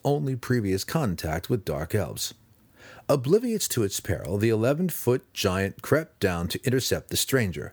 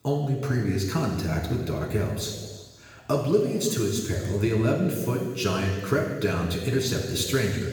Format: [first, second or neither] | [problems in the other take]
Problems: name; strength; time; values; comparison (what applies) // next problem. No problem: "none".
first | room echo; noticeable; dies away in 1.6 s // off-mic speech; far